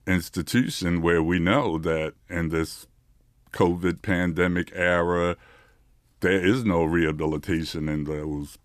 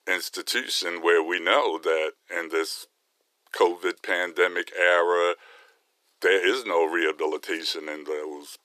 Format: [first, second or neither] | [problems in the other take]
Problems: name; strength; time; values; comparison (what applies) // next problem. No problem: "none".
first | thin; very; fading below 400 Hz